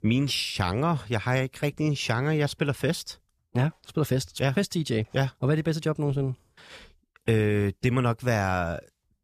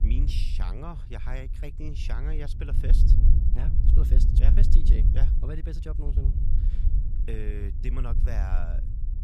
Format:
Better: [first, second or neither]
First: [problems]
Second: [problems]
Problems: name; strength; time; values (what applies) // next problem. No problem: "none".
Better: first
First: none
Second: low rumble; loud; throughout; 3 dB below the speech